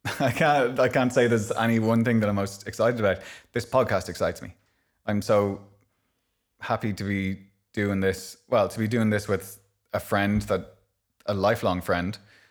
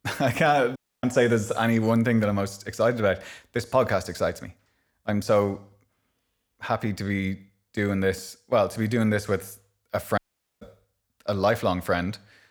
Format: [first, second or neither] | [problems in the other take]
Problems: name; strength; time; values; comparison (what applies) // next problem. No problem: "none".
first | audio cutting out; at 1 s and at 10 s